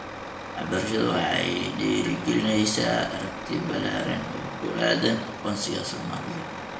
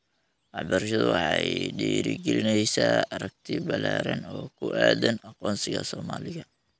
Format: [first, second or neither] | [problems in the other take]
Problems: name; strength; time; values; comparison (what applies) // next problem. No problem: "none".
second | background sound (Truck); 9 dB below the speech // room echo; dies away in 0.7 s